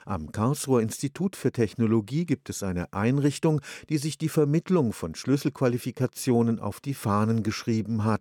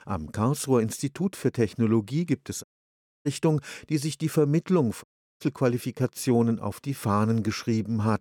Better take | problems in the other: first | audio cutting out; at 2.5 s for 0.5 s and at 5 s

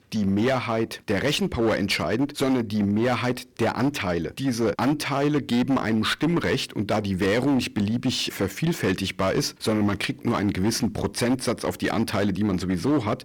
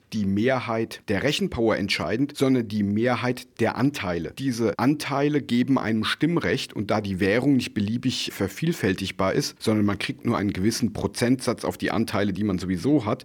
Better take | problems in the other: second | distortion; slight; 15% of the sound clipped

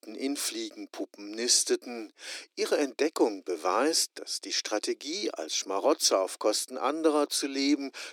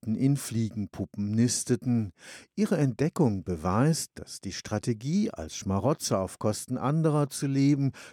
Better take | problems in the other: second | thin; somewhat; fading below 300 Hz

